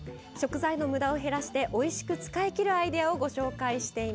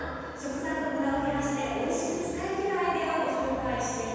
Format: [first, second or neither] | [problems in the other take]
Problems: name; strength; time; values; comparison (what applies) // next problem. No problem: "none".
first | room echo; dies away in 2.1 s